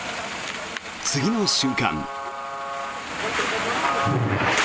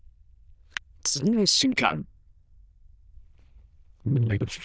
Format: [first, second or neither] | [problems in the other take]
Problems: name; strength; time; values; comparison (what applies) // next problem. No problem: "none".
first | noise reduction (neural diffusion model UNIVERSE++)